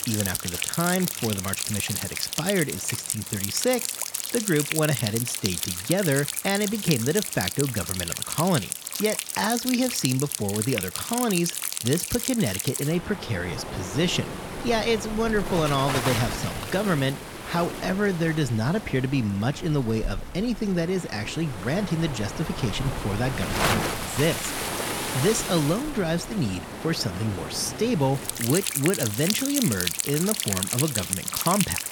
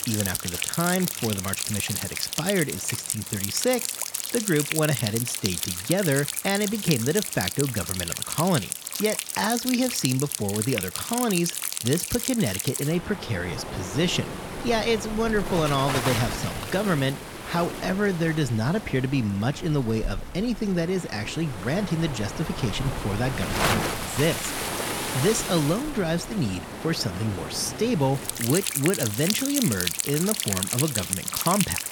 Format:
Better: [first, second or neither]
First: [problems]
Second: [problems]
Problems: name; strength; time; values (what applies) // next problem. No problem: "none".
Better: neither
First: rain or running water; loud; throughout; 2 dB below the speech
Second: rain or running water; loud; throughout; 2 dB below the speech